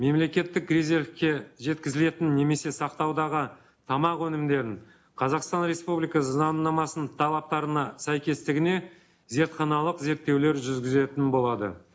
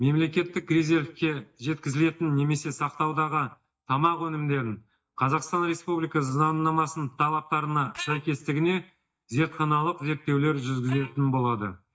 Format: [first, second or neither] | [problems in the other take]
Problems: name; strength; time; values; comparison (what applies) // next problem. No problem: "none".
first | noise reduction (neural mask model DeepFilterNet 3)